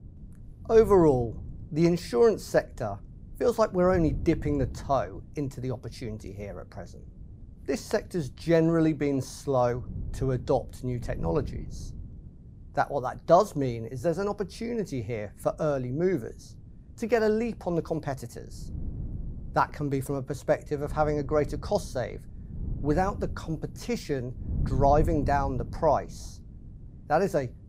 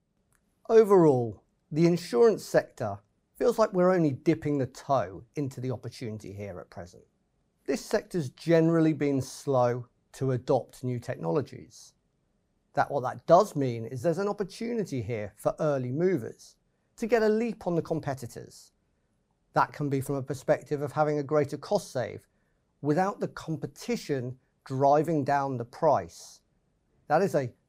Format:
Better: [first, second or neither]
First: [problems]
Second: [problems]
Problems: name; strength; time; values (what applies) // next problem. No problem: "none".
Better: second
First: wind noise on the microphone; occasional gusts; 25 dB below the speech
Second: none